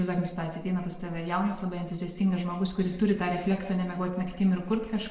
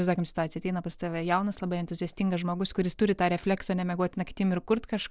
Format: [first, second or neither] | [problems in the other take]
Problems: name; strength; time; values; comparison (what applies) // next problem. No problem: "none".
second | room echo; dies away in 1 s